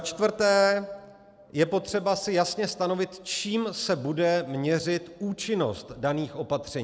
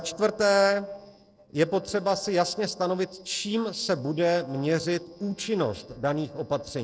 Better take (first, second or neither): first